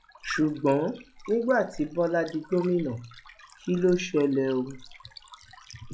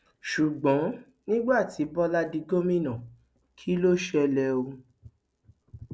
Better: second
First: noise reduction (classical method log-MMSE)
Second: none

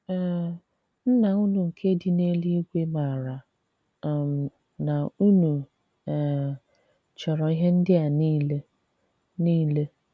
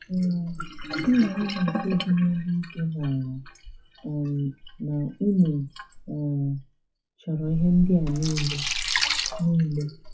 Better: first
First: none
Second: noise reduction (classical method WPE with log-MMSE)

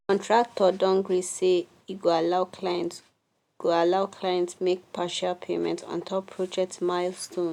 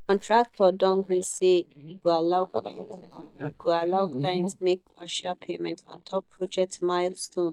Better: first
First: none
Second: noise reduction (neural mask model DeepFilterNet 3)

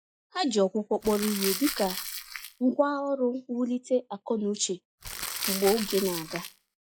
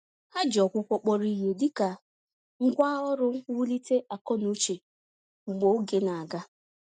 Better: second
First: noise reduction (classical method log-MMSE)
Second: none

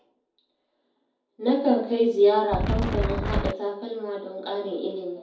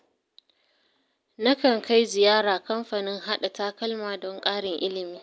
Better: second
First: background sound (Wind); 1 dB above the speech // room echo; dies away in 0.6 s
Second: none

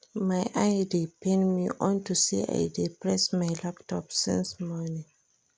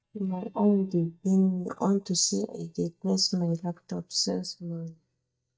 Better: first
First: none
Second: noise reduction (neural mask model DeepFilterNet 3)

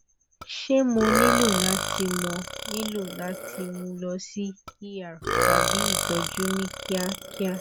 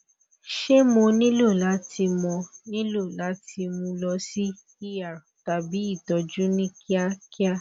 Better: second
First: background sound (Burping, eructation); as loud as the speech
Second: none

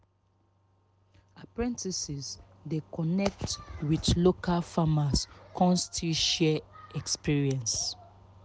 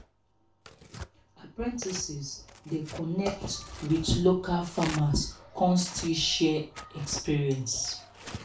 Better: first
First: none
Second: background sound (Tearing); 16 dB below the speech // room echo; dies away in 0.3 s

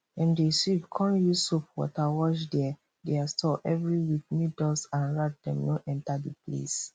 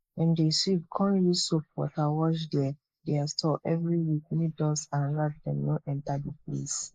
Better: first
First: none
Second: noise reduction (neural mask model Resemble Enhance denoiser)

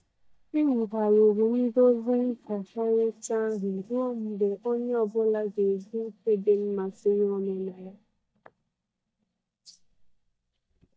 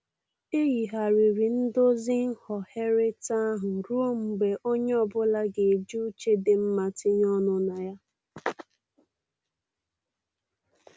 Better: second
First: noise reduction (neural mask model DeepFilterNet 3)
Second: none

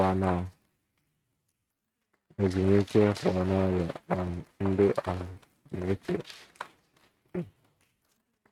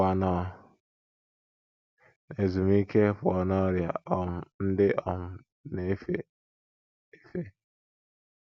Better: second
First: noise reduction (neural mask model RNNoise)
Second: none

